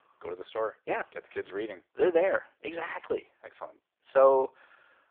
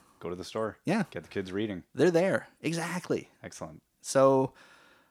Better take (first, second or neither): second